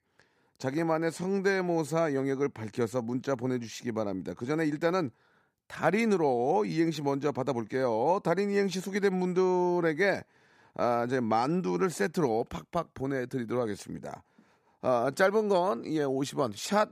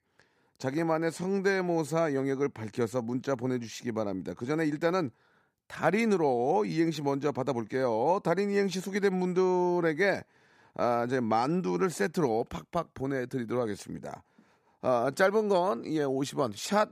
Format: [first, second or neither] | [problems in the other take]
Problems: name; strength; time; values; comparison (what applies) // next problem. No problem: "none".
neither | none